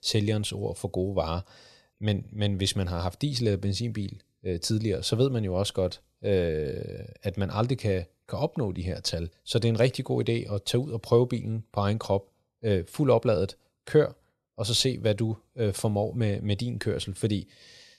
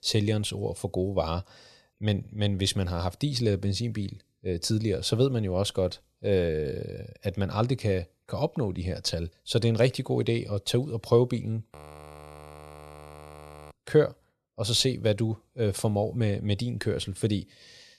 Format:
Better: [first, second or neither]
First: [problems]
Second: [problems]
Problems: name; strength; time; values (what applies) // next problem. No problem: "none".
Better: first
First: none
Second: audio freezing; at 12 s for 2 s